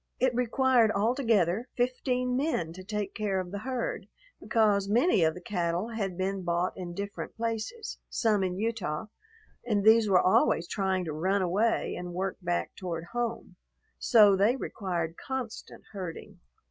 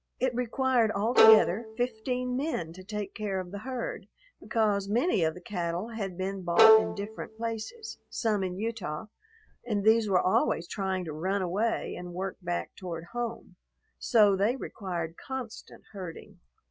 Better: first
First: none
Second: background sound (Bowed string instrument); 3 dB above the speech

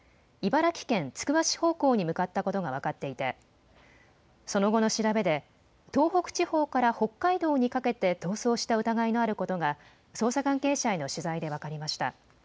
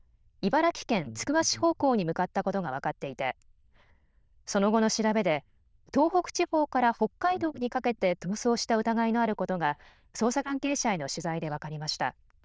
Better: first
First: none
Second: noise reduction (neural diffusion model UNIVERSE++)

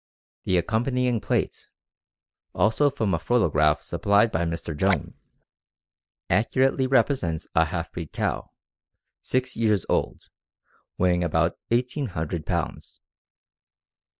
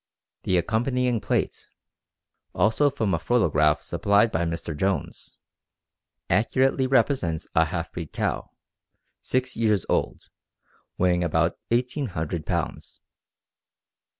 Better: second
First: noise reduction (neural mask model DeepFilterNet 3)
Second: none

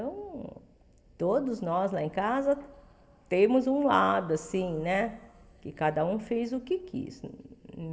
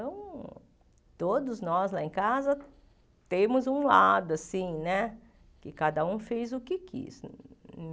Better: second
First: room echo; dies away in 1.8 s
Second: none

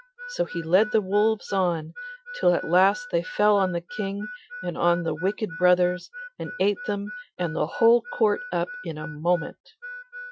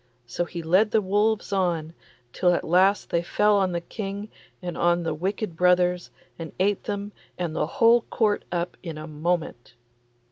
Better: second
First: noise reduction (classical method Wiener filter)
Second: none

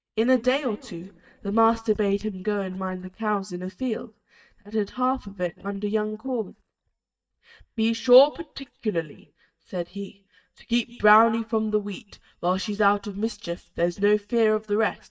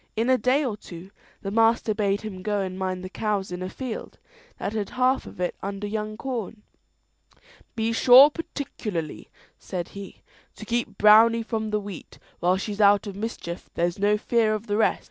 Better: second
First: noise reduction (neural mask model DeepFilterNet 3)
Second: none

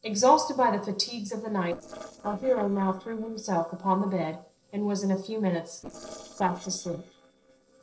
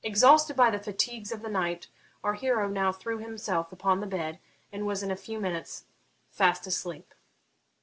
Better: second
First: noise reduction (neural separator model SepFormer DNS4)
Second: none

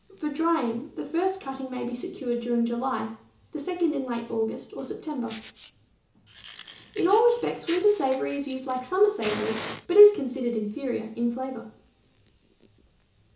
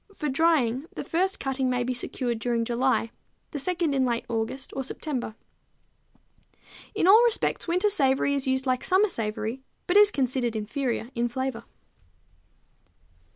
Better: second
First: background sound (Fire); 19 dB below the speech // room echo; dies away in 0.8 s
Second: none

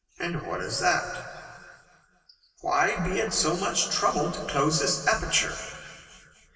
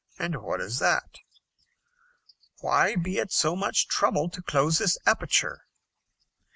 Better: second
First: room echo; dies away in 2.5 s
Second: none

